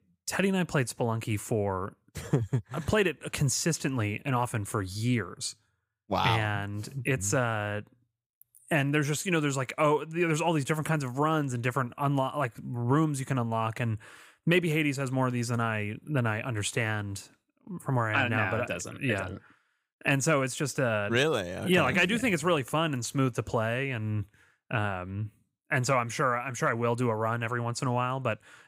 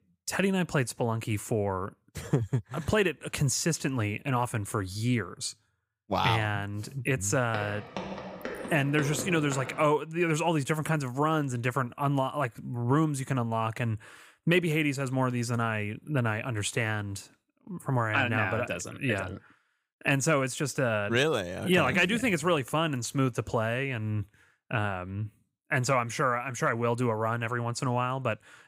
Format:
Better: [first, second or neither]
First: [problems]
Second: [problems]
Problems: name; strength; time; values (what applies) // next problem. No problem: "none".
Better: first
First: none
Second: footsteps; noticeable; from 7.5 to 10 s; peak 7 dB below the speech